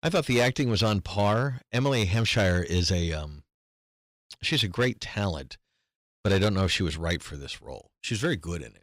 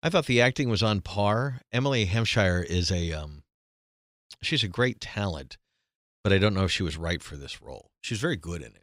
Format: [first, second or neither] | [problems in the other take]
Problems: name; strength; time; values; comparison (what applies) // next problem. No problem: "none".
second | distortion; slight; 4% of the sound clipped